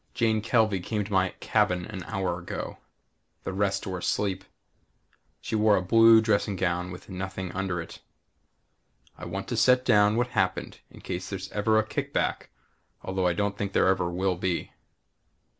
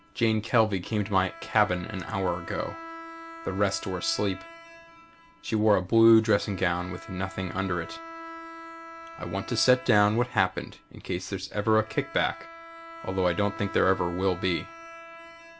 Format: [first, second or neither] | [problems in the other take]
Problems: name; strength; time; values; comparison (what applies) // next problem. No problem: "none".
first | background sound (Bowed string instrument); 16 dB below the speech